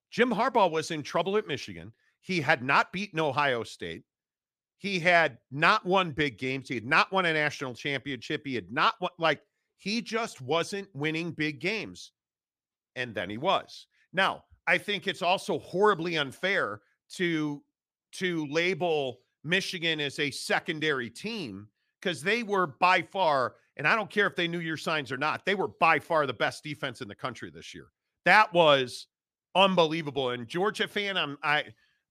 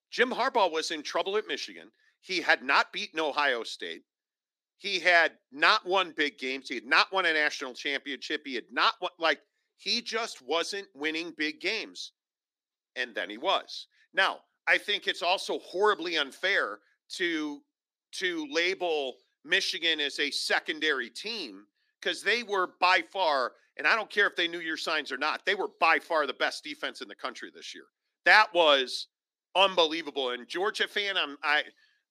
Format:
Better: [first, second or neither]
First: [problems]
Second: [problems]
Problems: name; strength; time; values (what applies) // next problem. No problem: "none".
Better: first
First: none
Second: thin; somewhat; fading below 250 Hz